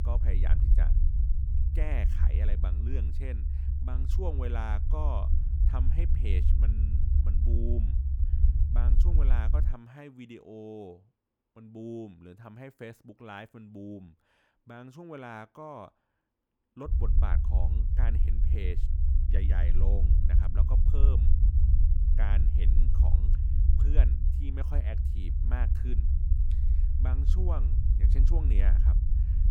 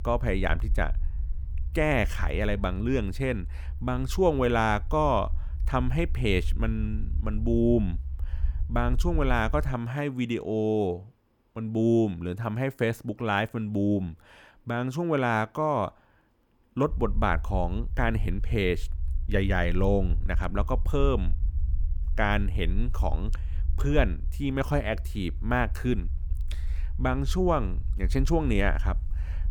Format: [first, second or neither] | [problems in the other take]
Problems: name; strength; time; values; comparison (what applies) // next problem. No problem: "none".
second | low rumble; loud; until 9.5 s and from 17 s on; 3 dB below the speech; faint in the second